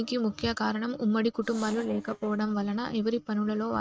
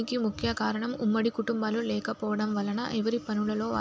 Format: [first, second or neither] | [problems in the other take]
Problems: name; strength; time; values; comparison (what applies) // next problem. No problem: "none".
second | noise reduction (neural mask model RNNoise)